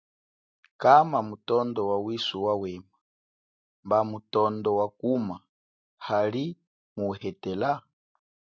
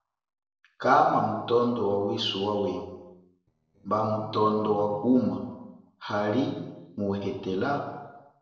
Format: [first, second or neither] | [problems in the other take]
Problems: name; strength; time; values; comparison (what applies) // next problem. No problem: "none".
first | noise reduction (neural separator model SepFormer DNS4)